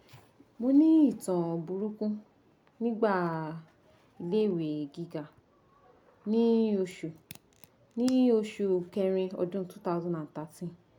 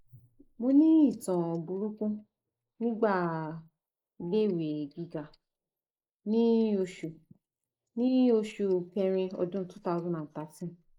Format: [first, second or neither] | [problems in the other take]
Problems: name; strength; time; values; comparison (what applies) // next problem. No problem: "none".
first | noise reduction (neural mask model Resemble Enhance denoiser)